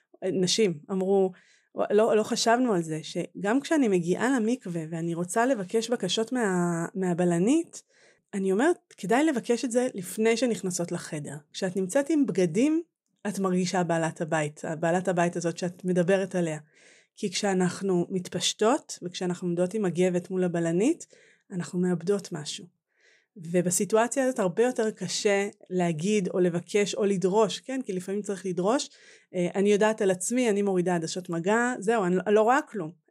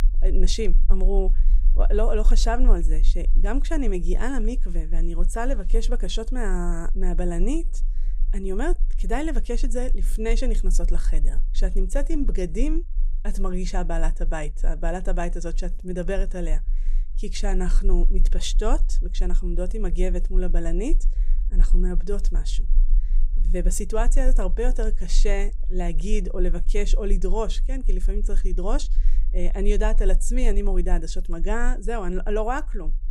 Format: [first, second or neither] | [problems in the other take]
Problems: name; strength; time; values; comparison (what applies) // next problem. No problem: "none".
first | low rumble; faint; throughout; 25 dB below the speech